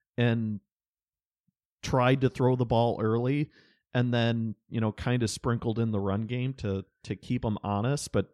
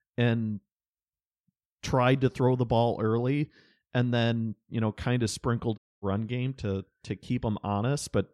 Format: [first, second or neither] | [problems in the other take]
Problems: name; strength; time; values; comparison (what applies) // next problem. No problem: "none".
first | audio cutting out; at 6 s